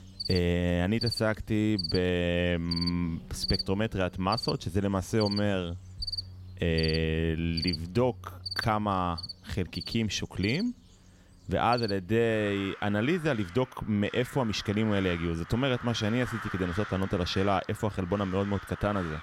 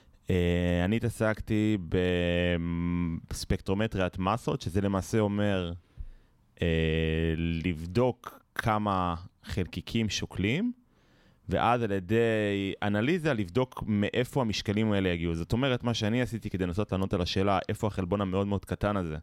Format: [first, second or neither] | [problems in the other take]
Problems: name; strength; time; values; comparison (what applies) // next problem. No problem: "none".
second | animal sounds; loud; throughout; 9 dB below the speech